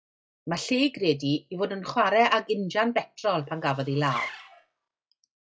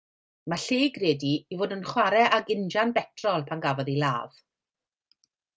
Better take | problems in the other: second | noise reduction (classical method log-MMSE)

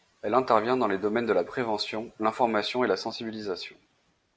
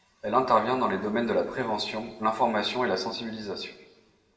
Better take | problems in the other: first | room echo; dies away in 0.9 s

